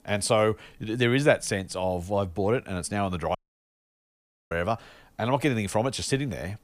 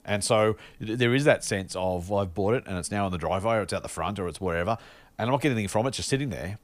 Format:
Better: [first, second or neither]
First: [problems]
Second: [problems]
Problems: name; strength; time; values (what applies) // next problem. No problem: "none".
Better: second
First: audio cutting out; at 3.5 s for 1 s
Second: none